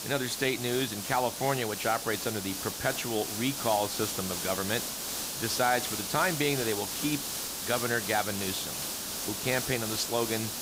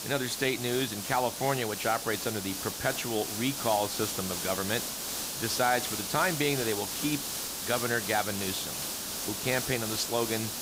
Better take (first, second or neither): neither